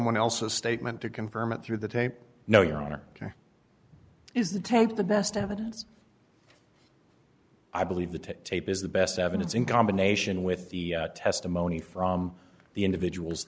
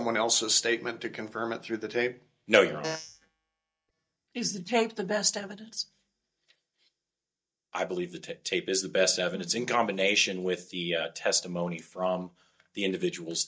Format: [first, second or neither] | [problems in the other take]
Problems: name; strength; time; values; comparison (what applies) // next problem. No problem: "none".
first | noise reduction (neural mask model DeepFilterNet 3)